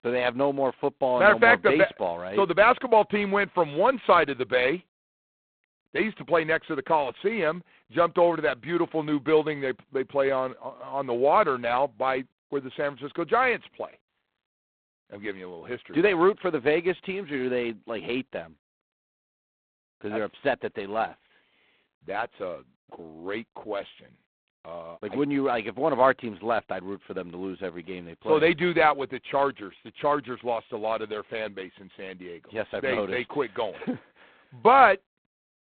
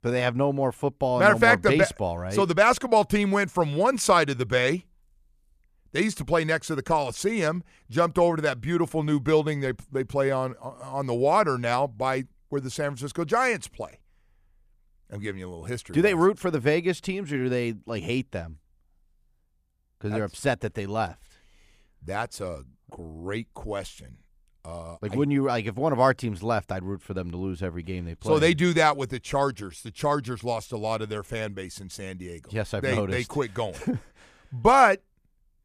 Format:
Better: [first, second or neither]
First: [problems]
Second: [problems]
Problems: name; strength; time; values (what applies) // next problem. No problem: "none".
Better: second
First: phone-call audio; poor line; nothing above 4 kHz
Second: none